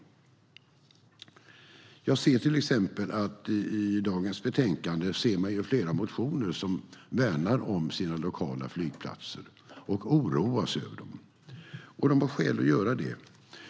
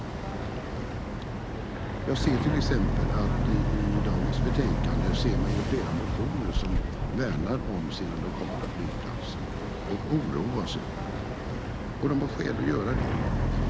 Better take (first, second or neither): first